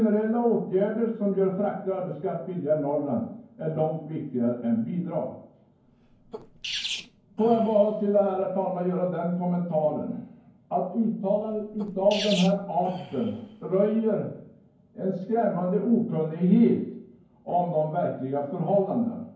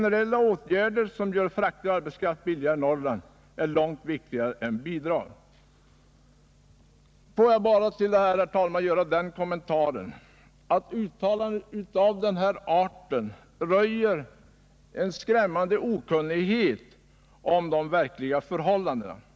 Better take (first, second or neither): second